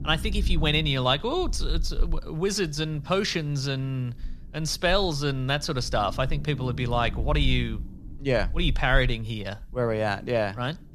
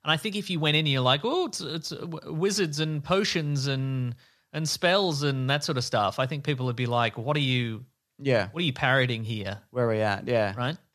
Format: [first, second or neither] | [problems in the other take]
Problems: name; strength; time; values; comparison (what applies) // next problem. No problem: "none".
second | low rumble; faint; throughout; 25 dB below the speech